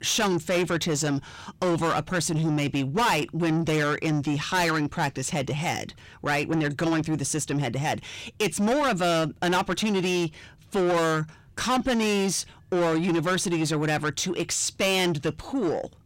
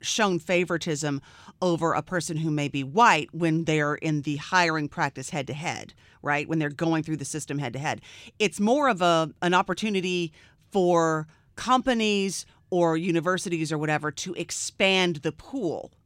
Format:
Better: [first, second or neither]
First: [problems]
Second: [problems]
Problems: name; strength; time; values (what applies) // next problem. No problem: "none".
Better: second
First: distortion; heavy; 6 dB below the speech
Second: none